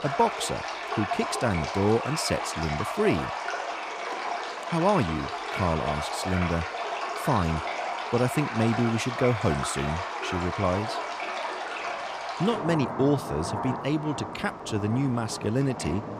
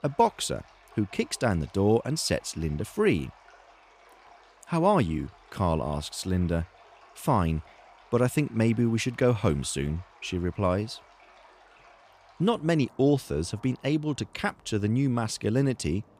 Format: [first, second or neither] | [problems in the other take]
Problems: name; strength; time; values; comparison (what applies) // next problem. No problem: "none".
second | rain or running water; loud; throughout; 4 dB below the speech; faint in the second